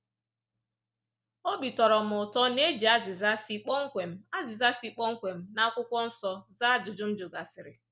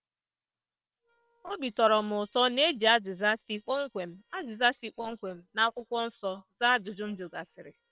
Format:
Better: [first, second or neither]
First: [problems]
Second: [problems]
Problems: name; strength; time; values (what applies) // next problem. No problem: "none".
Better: first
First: none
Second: noise reduction (neural separator model SepFormer WHAM!)